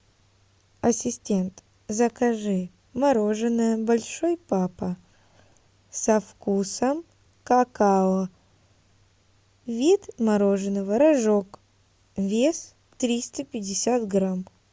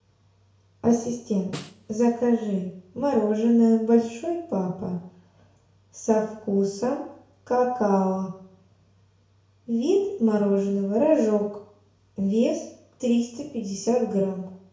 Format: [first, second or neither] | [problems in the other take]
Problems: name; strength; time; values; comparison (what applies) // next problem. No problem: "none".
first | background sound (Snare drum); 17 dB below the speech // room echo; dies away in 0.6 s